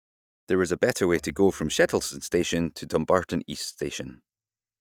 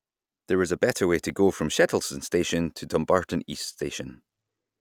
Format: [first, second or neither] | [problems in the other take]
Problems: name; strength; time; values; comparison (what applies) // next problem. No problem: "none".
second | noise reduction (neural mask model DeepFilterNet 3)